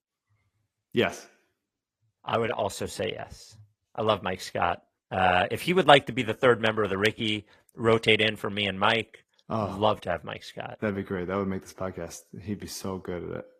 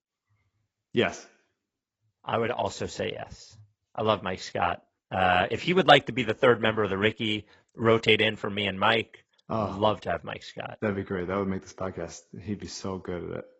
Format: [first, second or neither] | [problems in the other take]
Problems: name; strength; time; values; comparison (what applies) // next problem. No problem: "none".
first | garbled, watery; badly; nothing above 7.5 kHz; slightly in the first